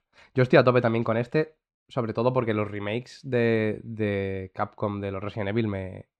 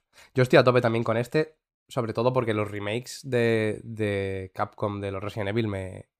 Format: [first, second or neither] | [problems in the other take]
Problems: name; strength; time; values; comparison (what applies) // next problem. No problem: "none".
second | muffled; very slightly; fading above 3.5 kHz